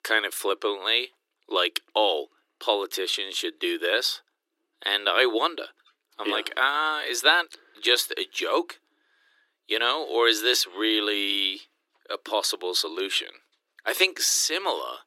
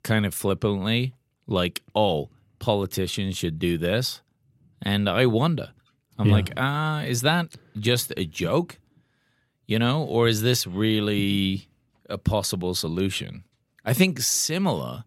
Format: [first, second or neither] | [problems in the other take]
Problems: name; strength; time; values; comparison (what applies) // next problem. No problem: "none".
second | thin; very; fading below 300 Hz